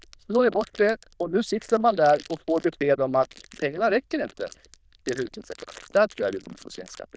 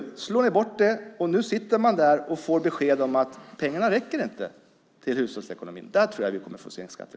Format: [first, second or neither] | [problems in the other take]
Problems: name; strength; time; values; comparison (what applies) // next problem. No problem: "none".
second | noise reduction (neural diffusion model UNIVERSE++)